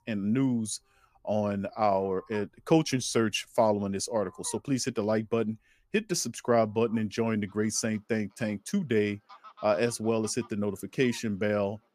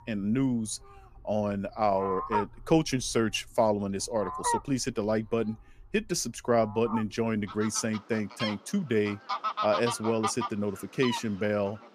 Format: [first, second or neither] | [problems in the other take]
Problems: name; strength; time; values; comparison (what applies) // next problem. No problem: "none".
first | animal sounds; loud; throughout; 6 dB below the speech; faint in the first